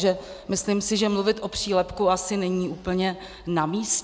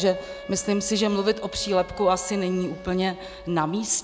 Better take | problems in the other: first | background sound (Wind instrument, woodwind instrument); 16 dB below the speech

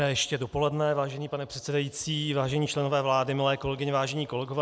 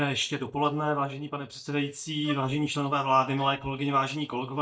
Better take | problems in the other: first | noise reduction (neural mask model DeepFilterNet 3)

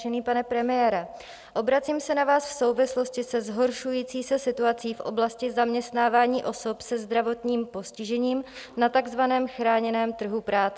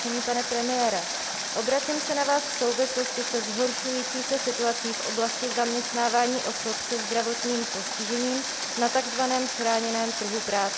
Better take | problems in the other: first | background sound (Water); 3 dB below the speech

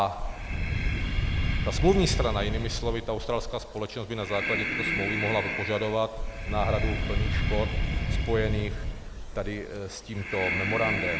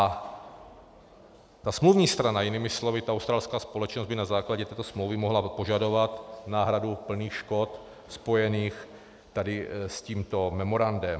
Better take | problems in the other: second | background sound (Breathing); 1 dB above the speech

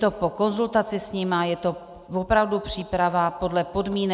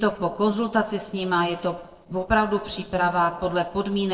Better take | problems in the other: first | noise reduction (neural separator model SepFormer DNS4)

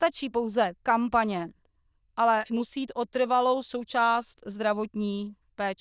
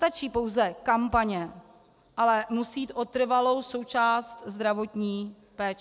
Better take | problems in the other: second | noise reduction (neural diffusion model UNIVERSE++)

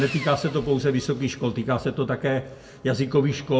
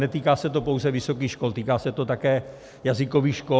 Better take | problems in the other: second | background sound (Sawing); 20 dB below the speech // room echo; dies away in 0.5 s

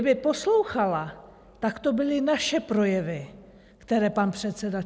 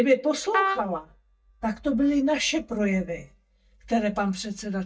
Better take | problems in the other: first | noise reduction (neural mask model DeepFilterNet 3)

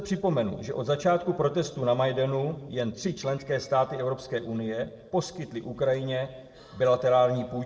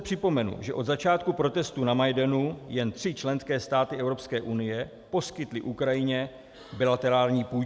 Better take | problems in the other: second | noise reduction (neural separator model SepFormer DNS4)

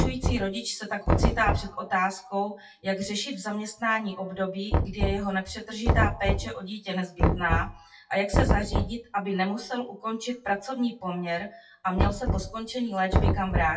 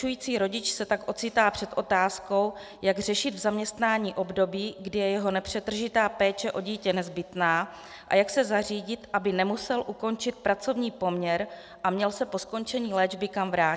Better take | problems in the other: second | noise reduction (classical method WPE with log-MMSE)

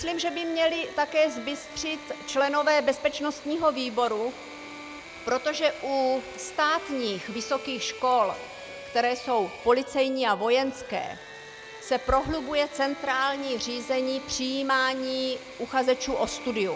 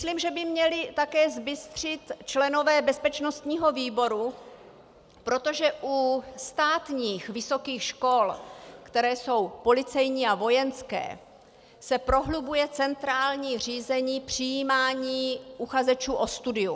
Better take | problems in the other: second | background sound (Bowed string instrument + Engine / Mechanisms); 15 dB below the speech

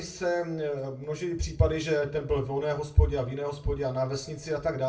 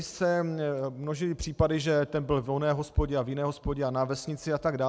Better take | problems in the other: second | room echo; dies away in 0.3 s

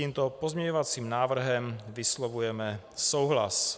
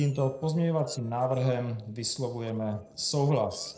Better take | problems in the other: first | noise reduction (neural separator model SepFormer DNS4)

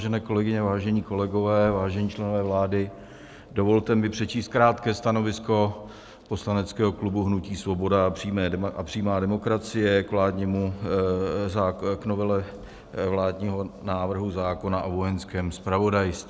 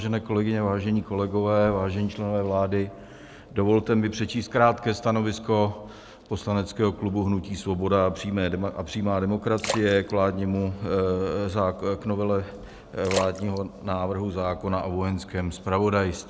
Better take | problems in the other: first | background sound (Splash, splatter); 12 dB below the speech

